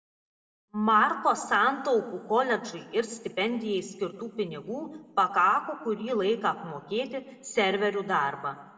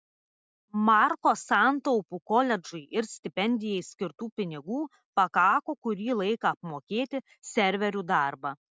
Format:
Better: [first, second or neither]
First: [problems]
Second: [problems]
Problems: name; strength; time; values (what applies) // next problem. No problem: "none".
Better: second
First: room echo; dies away in 0.9 s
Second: none